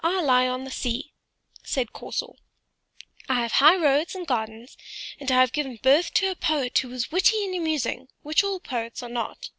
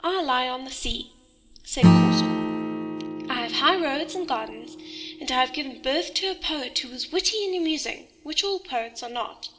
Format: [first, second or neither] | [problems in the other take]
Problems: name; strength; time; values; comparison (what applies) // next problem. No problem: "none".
first | background sound (Acoustic guitar / Strum); as loud as the speech // room echo; dies away in 1.3 s